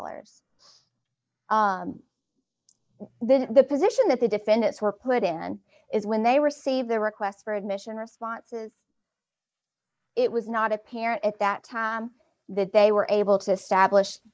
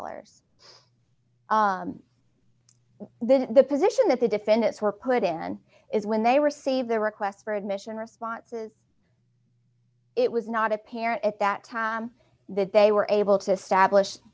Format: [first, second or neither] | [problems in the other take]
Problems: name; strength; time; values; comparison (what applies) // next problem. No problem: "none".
second | noise reduction (neural mask model Resemble Enhance denoiser)